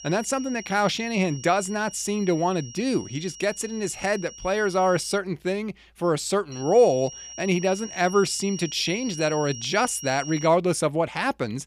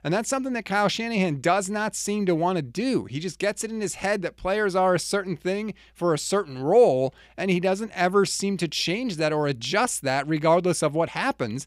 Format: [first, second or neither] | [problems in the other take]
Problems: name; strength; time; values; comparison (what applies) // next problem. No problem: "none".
second | high-pitched whine; noticeable; until 5 s and from 6.5 to 10 s; 5.5 kHz, 15 dB below the speech